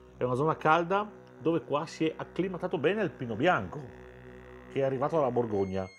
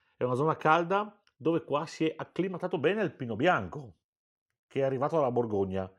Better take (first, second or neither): second